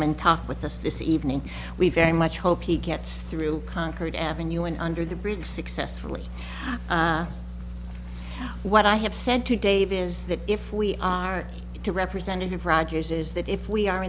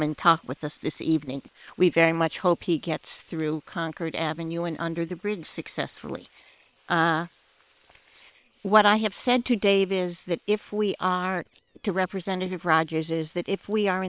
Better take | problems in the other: first | noise reduction (neural separator model SepFormer WHAM!)

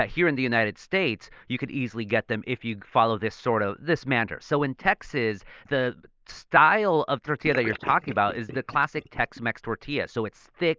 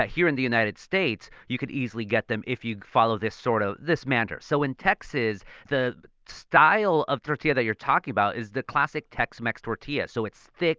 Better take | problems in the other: second | noise reduction (neural mask model Resemble Enhance denoiser)

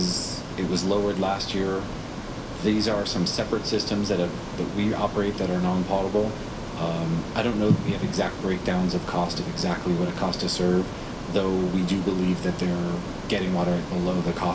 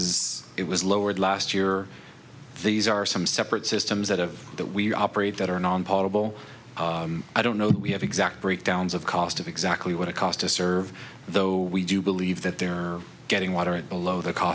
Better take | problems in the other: second | background sound (Ocean); 8 dB below the speech // room echo; dies away in 0.2 s

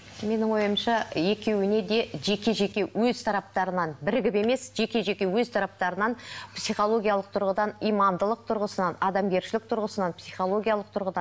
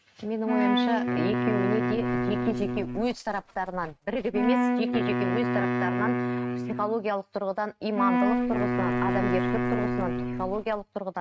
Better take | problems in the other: first | noise reduction (neural mask model RNNoise)

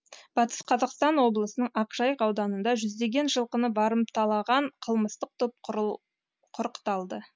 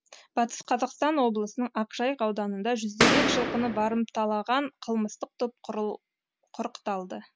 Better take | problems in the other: first | background sound (Boom); 4 dB above the speech

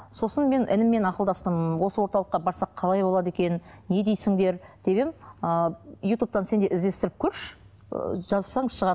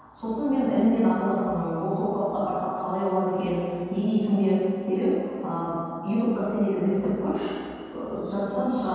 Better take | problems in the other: first | room echo; dies away in 2.1 s

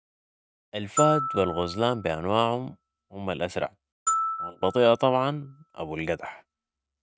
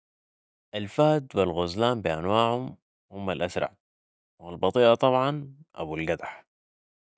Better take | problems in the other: second | noise reduction (neural mask model RNNoise)

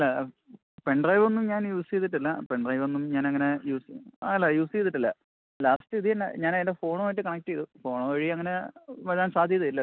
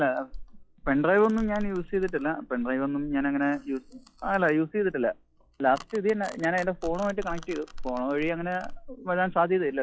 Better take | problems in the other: first | noise reduction (classical method log-MMSE)

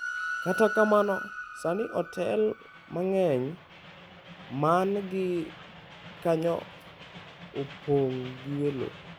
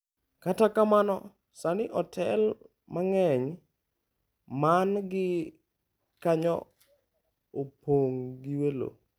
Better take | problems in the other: second | background sound (Train); 11 dB below the speech

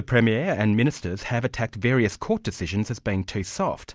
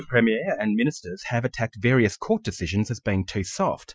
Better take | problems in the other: first | noise reduction (classical method Wiener filter)

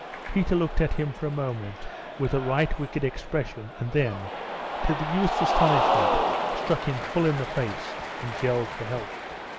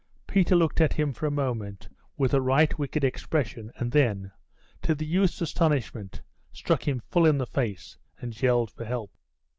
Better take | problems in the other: second | background sound (Cheering); 2 dB below the speech

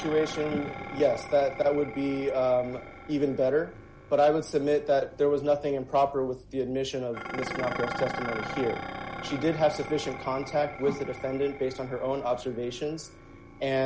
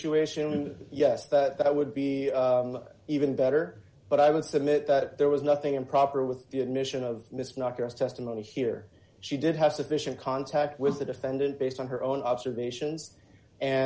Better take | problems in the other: second | background sound (Dishes, pots, and pans); 12 dB below the speech

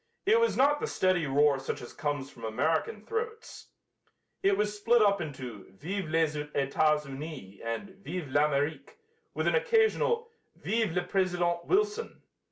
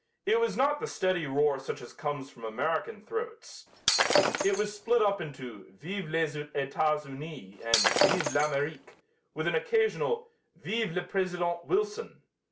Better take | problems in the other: first | background sound (Shatter); 2 dB above the speech

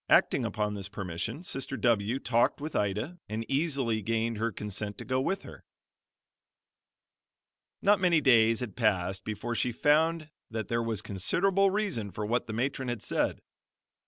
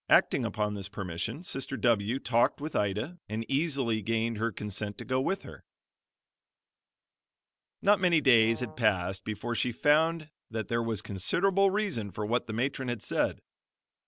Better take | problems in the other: first | background sound (Brass instrument); 19 dB below the speech

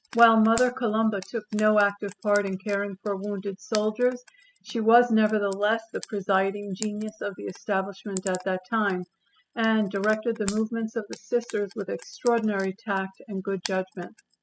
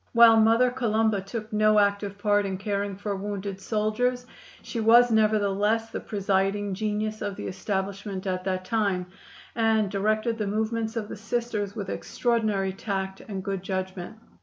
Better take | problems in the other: second | noise reduction (classical method spectral subtraction)

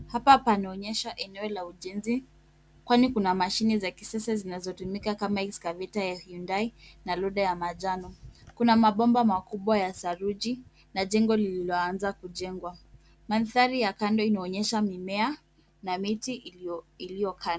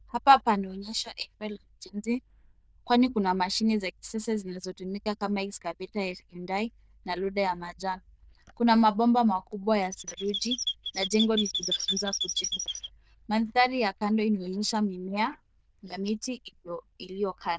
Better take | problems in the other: first | noise reduction (neural diffusion model UNIVERSE++)

